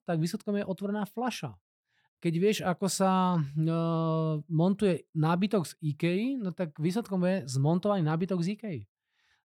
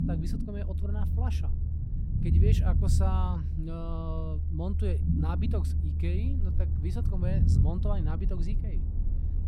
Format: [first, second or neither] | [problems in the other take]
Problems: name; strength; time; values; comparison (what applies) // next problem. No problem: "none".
first | low rumble; loud; throughout; 3 dB below the speech